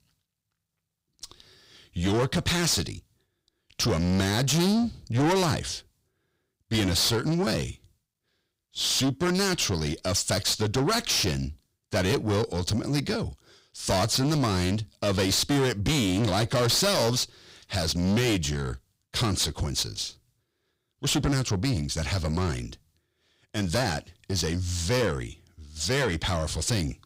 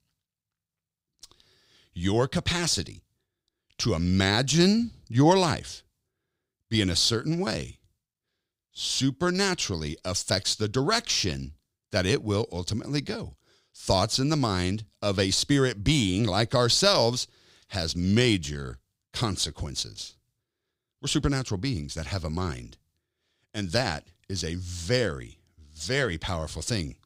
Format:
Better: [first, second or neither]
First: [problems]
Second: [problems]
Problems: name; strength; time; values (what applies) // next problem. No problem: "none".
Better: second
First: distortion; heavy; 6 dB below the speech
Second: none